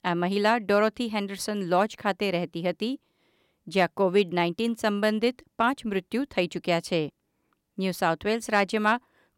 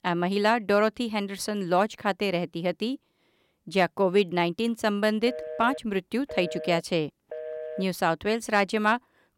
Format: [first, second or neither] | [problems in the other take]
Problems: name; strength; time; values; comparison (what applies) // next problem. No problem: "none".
first | phone ringing; noticeable; from 5.5 to 8 s; peak 9 dB below the speech